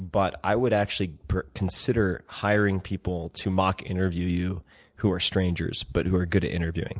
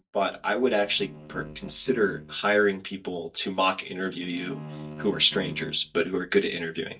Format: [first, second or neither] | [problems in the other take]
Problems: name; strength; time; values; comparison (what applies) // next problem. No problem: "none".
first | noise reduction (neural mask model DeepFilterNet 3)